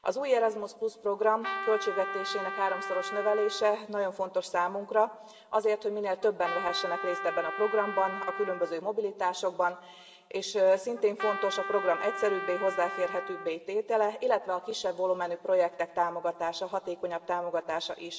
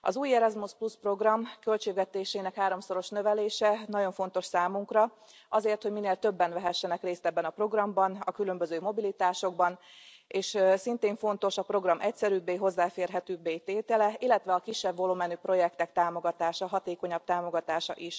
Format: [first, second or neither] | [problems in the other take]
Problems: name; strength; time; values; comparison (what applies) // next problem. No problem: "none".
second | background sound (Trumpet); 8 dB below the speech // room echo; dies away in 1.5 s